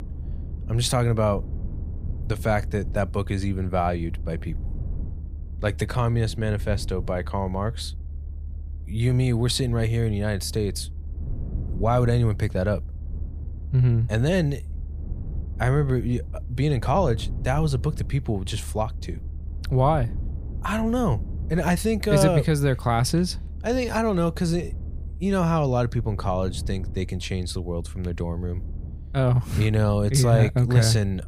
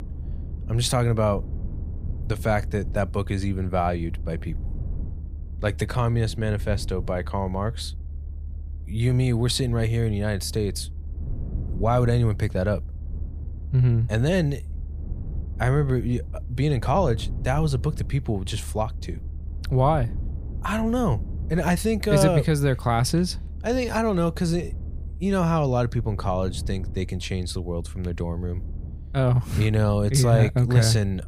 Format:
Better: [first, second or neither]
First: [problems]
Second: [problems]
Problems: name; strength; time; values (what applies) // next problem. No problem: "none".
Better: neither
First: low rumble; faint; throughout; 20 dB below the speech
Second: low rumble; faint; throughout; 20 dB below the speech